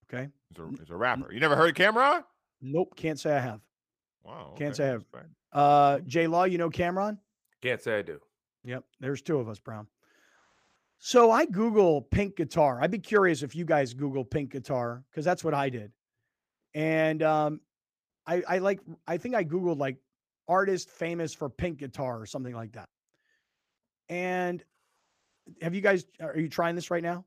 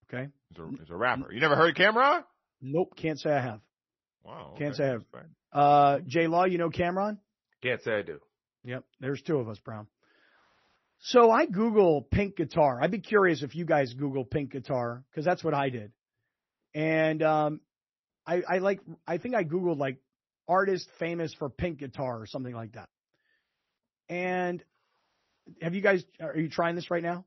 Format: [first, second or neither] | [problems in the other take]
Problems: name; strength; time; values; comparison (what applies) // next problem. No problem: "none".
first | garbled, watery; slightly; nothing above 6 kHz